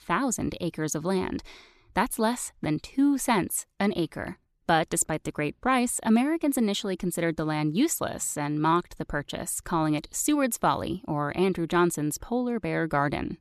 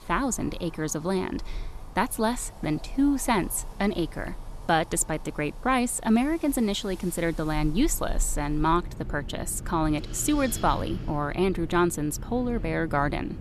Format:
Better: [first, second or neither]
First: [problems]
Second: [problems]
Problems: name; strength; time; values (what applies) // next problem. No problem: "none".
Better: first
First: none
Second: wind in the background; noticeable; throughout; 15 dB below the speech